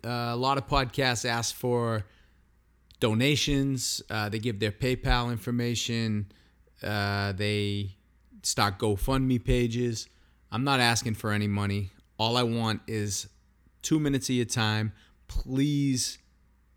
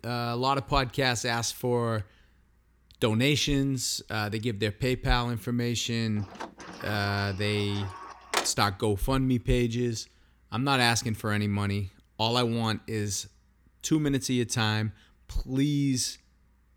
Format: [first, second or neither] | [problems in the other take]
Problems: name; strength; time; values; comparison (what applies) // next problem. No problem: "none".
first | door banging; noticeable; from 6.5 to 8.5 s; peak 2 dB below the speech